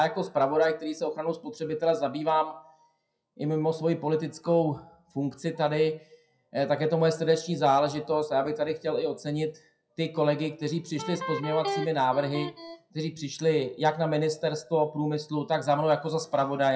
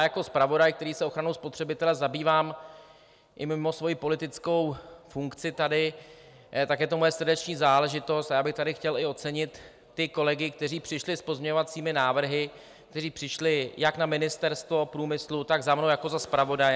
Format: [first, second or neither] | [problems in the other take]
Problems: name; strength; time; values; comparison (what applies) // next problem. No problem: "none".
second | noise reduction (classical method WPE with log-MMSE)